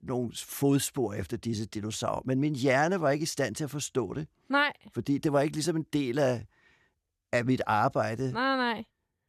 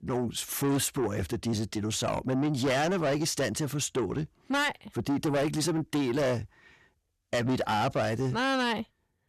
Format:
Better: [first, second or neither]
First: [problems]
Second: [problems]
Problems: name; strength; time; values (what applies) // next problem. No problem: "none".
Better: first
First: none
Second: distortion; heavy; 7 dB below the speech